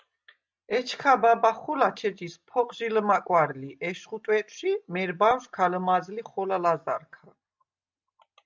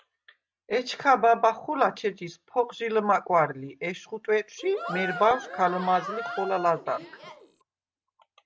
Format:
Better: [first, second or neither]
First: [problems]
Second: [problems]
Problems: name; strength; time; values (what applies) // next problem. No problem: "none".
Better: first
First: none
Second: background sound (Cheering); 10 dB below the speech